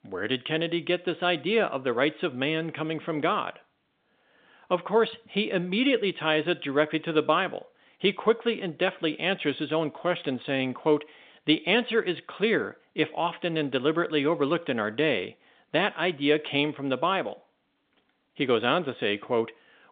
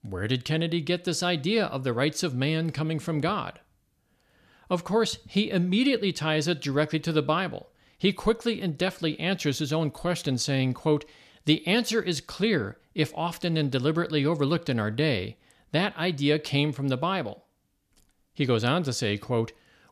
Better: second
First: phone-call audio; nothing above 3.5 kHz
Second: none

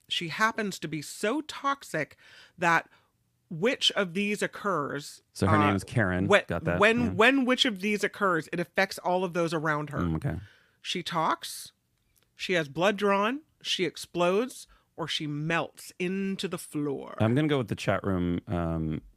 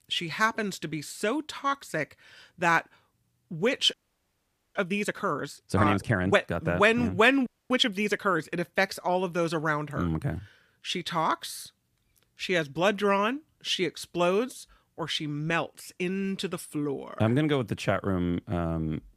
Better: first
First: none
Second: audio freezing; at 4 s for 1 s and at 7.5 s

